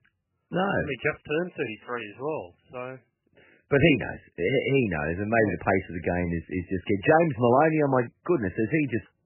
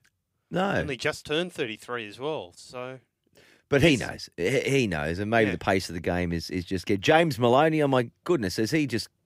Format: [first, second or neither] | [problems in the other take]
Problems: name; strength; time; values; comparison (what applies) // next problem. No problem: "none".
second | garbled, watery; badly; nothing above 3 kHz